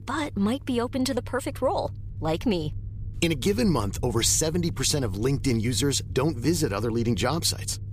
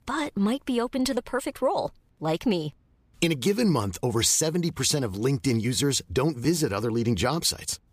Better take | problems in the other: second | low rumble; faint; throughout; 25 dB below the speech

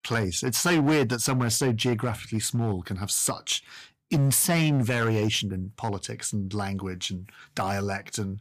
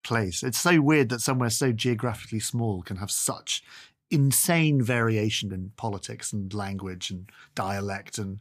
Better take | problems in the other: second | distortion; slight; 6% of the sound clipped

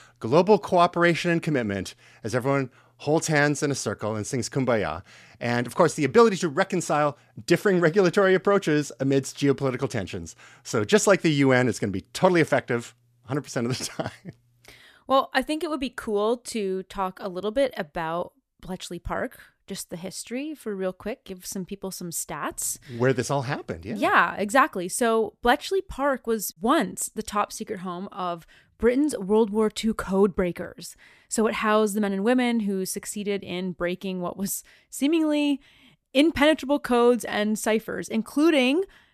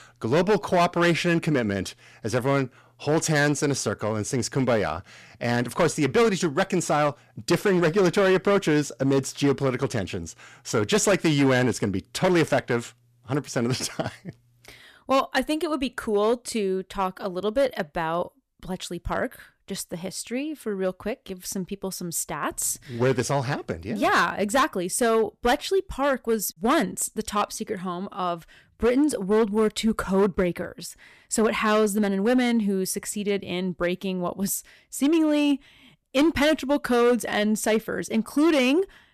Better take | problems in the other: first | distortion; slight; 6% of the sound clipped

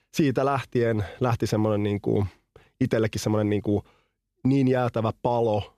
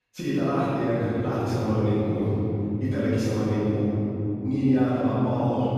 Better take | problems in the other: first | room echo; strong; dies away in 3 s // off-mic speech; far

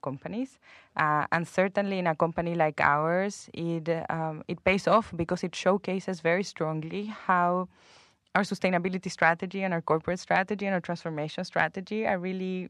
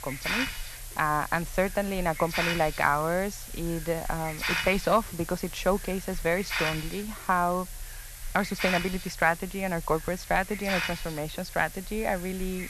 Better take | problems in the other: first | hiss; loud; throughout; 6 dB below the speech

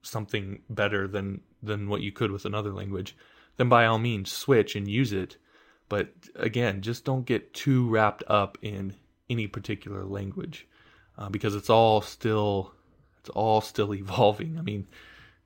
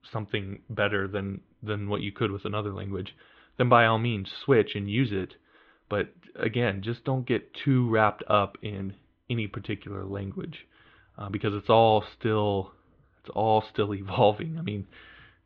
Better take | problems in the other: first | muffled; slightly; fading above 3.5 kHz

